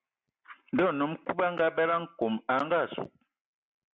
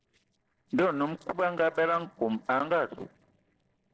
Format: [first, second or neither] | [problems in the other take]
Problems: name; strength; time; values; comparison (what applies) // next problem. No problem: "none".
first | noise reduction (neural separator model SepFormer DNS4)